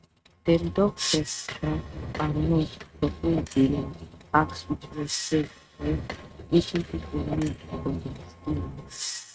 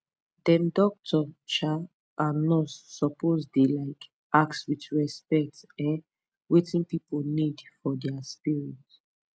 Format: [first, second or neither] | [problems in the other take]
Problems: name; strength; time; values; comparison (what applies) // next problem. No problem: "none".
second | noise reduction (neural mask model RNNoise)